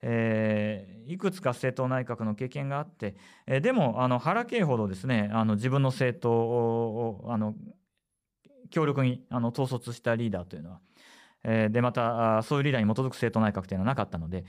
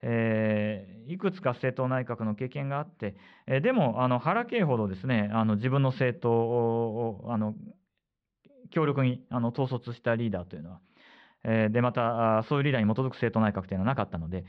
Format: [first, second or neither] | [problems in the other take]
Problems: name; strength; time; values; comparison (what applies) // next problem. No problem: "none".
first | muffled; slightly; fading above 3.5 kHz